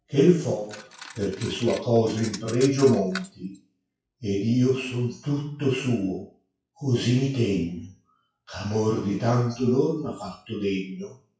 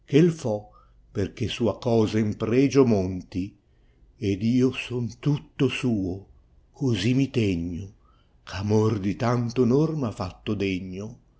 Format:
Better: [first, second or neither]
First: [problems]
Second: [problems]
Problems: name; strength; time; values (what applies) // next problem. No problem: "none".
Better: second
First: noise reduction (classical method WPE with log-MMSE)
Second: none